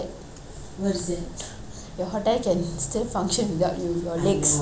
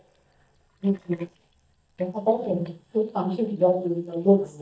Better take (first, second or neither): first